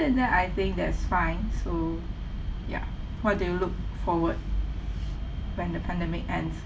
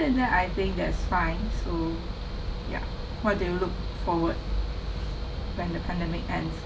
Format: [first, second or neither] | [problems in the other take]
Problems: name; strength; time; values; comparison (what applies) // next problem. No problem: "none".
first | background sound (Mechanical fan); 15 dB below the speech